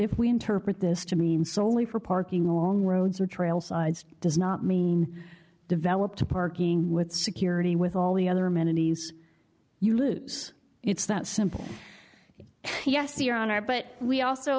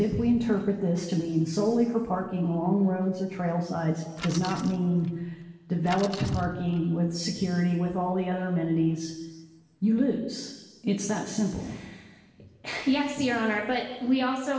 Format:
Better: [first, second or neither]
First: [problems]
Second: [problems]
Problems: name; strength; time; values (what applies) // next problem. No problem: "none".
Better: first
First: none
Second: background sound (Bicycle); 16 dB below the speech // room echo; dies away in 1.2 s